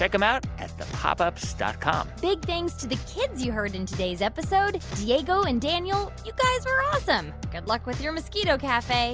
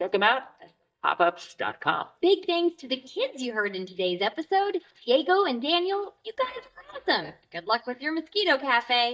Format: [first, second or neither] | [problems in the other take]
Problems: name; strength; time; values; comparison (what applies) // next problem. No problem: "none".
first | noise reduction (neural mask model DeepFilterNet 3)